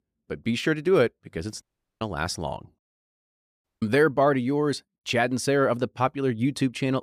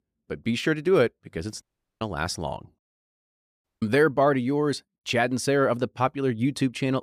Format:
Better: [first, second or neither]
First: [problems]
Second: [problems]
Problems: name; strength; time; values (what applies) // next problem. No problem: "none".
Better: neither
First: audio cutting out; at 1.5 s and at 3.5 s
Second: audio cutting out; at 1.5 s and at 3.5 s